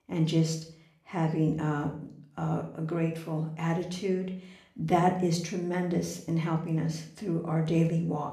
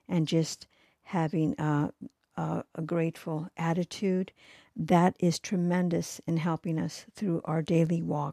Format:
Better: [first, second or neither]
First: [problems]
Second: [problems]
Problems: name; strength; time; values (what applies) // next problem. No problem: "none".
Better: second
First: room echo; slight; dies away in 0.5 s // off-mic speech; somewhat distant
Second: none